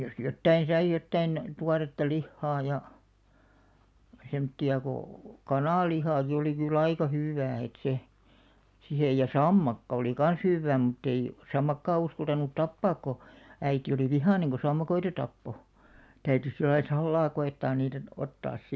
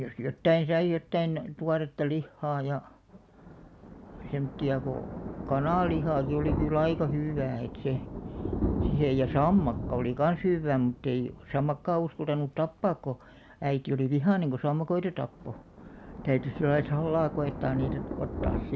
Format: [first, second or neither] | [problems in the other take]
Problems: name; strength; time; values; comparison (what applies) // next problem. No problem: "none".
first | background sound (Thunder); 8 dB below the speech